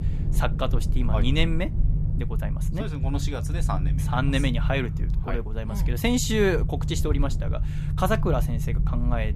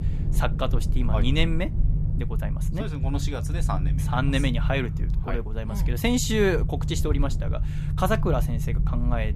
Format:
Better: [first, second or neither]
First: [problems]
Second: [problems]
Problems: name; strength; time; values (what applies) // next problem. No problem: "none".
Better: neither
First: low rumble; noticeable; throughout; 10 dB below the speech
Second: low rumble; noticeable; throughout; 10 dB below the speech